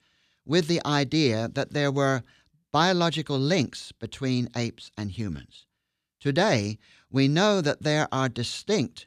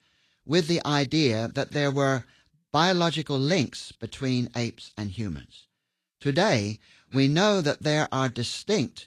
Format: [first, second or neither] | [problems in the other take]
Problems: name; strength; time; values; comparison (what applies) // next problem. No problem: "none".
first | garbled, watery; slightly; nothing above 13 kHz